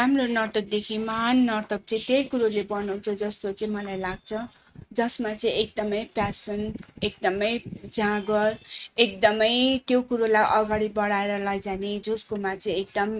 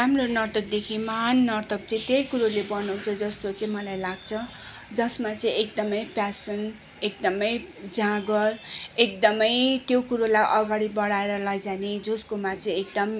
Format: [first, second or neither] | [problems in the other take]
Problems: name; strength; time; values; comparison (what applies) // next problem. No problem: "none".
second | noise reduction (neural mask model RNNoise)